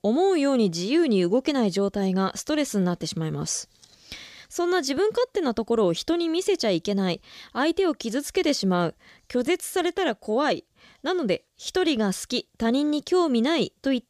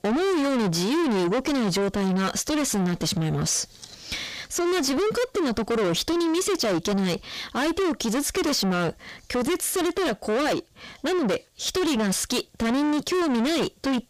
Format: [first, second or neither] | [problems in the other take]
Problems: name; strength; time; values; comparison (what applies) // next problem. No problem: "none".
first | distortion; heavy; 5 dB below the speech